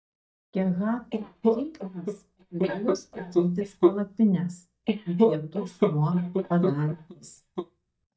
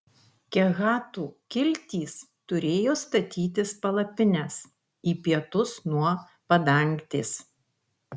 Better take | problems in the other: second | noise reduction (neural mask model DeepFilterNet 3)

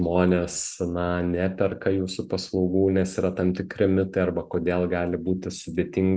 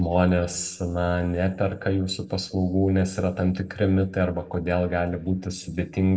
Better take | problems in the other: first | room echo; dies away in 1.2 s

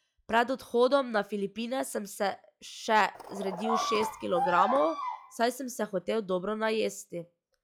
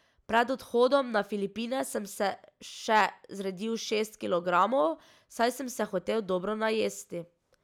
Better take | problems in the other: second | noise reduction (classical method log-MMSE)

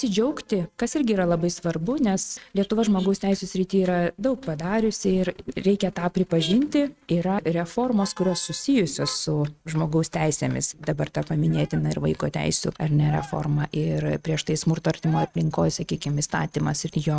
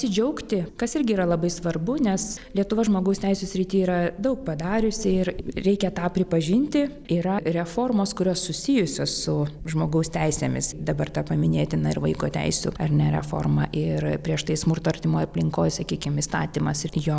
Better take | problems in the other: second | noise reduction (neural mask model RNNoise)

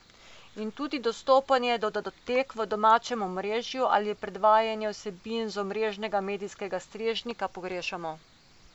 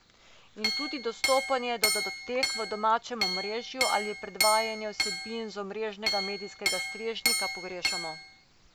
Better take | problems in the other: first | background sound (Chink, clink); 1 dB above the speech

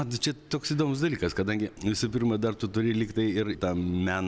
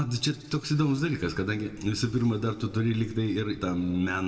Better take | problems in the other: first | room echo; dies away in 1.5 s

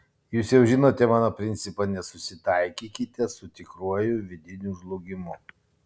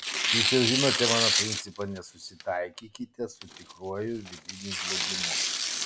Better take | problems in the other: first | background sound (Tearing); 2 dB above the speech

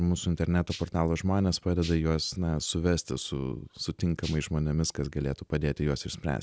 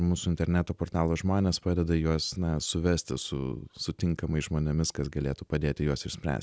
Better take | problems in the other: second | background sound (Rattle (instrument)); 15 dB below the speech

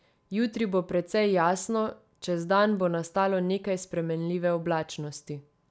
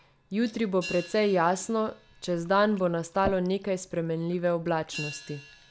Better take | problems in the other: first | background sound (Hi-hat + Fill (with liquid) / Glass); 16 dB below the speech

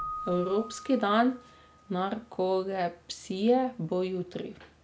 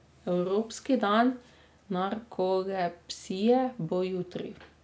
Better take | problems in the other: second | background sound (Keyboard (musical)); 16 dB below the speech

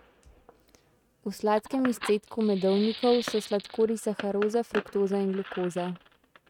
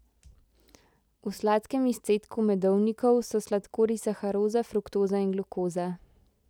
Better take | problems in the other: second | noise reduction (neural mask model RNNoise)

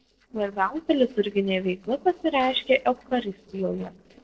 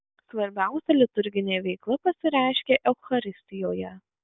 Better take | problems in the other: second | noise reduction (neural separator model SepFormer DNS4)

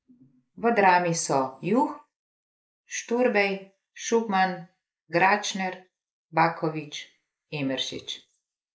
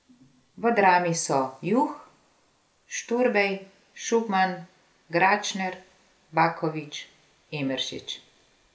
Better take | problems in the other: second | noise reduction (neural mask model Resemble Enhance denoiser)

